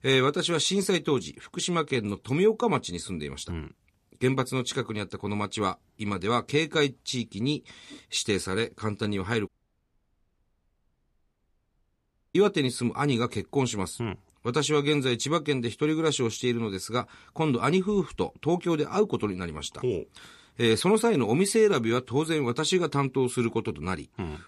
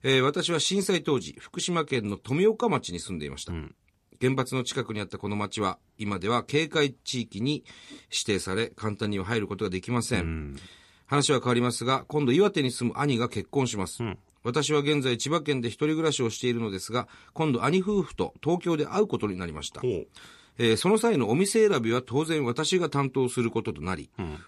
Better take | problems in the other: second | audio cutting out; at 9.5 s for 3 s

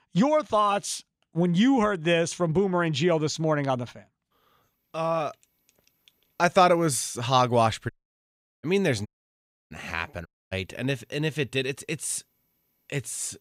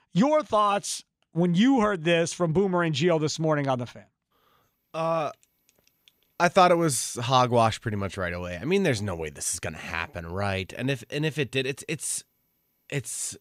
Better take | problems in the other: second | audio cutting out; at 8 s for 0.5 s, at 9 s for 0.5 s and at 10 s

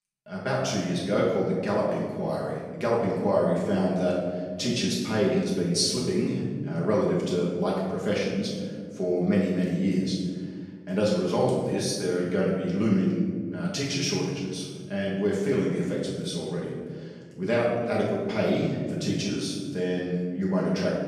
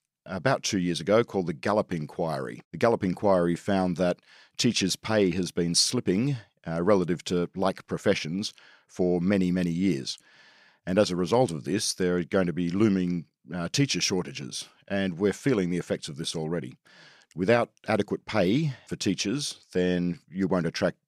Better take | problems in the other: second | off-mic speech; far // room echo; noticeable; dies away in 1.7 s

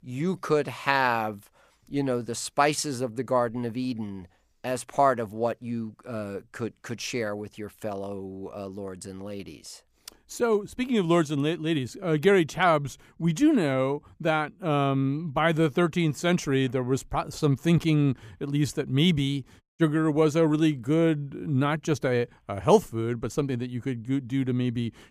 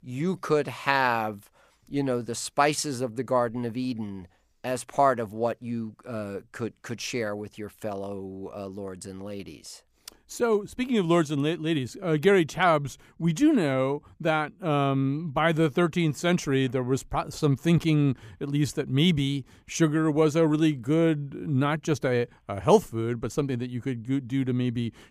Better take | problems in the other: second | audio cutting out; at 20 s

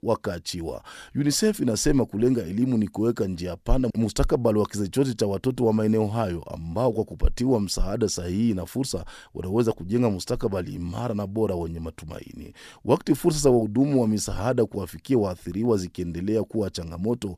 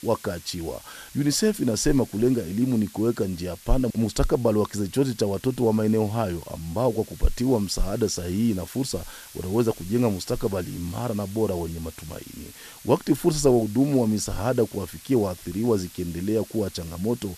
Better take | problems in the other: first | hiss; noticeable; throughout; 20 dB below the speech

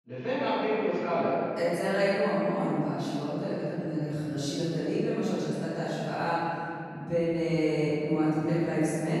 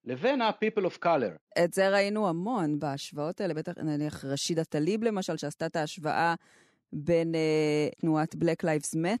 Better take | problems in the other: second | room echo; strong; dies away in 3 s // off-mic speech; far

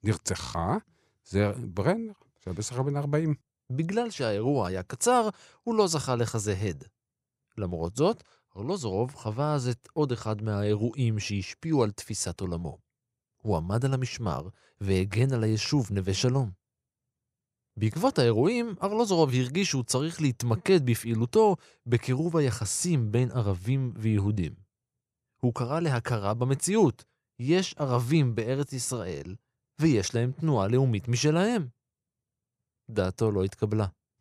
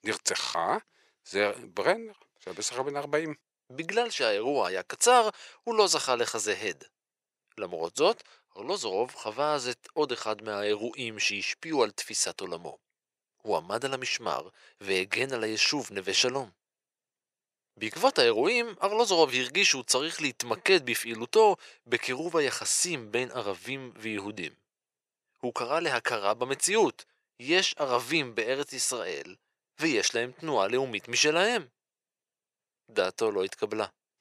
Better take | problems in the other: first | thin; very; fading below 500 Hz

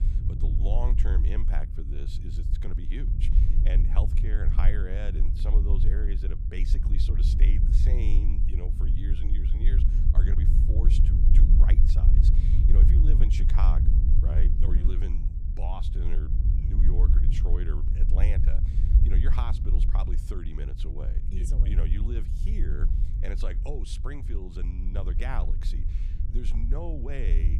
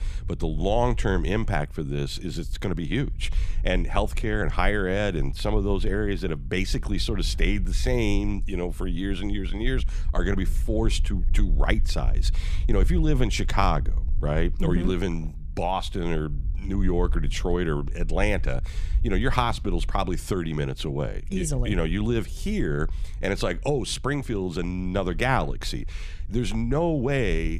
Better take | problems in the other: second | low rumble; loud; throughout; 2 dB below the speech; faint in the second

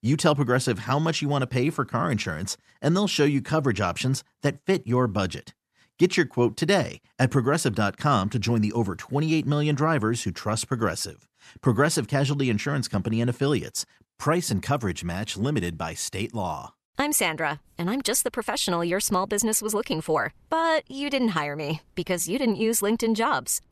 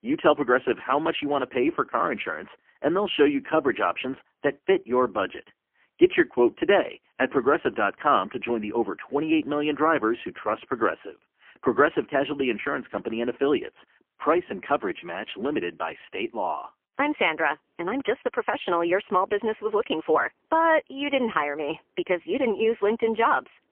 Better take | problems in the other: first | phone-call audio; poor line; nothing above 3 kHz

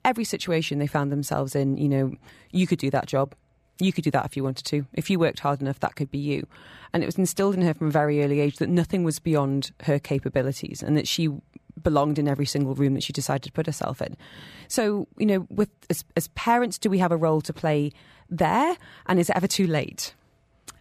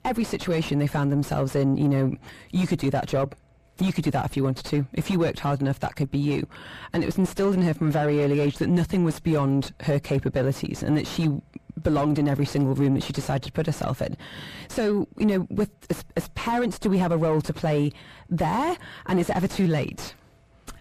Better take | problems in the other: first | distortion; heavy; 6 dB below the speech

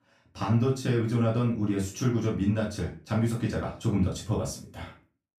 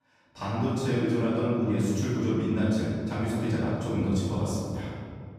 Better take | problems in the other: first | room echo; strong; dies away in 2 s; slight in the first // off-mic speech; far; far in the first

